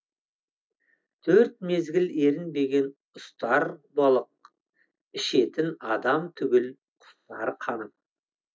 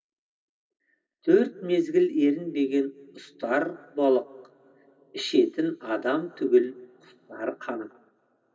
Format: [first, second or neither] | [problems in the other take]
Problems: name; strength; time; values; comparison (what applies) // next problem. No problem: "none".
first | room echo; dies away in 2.1 s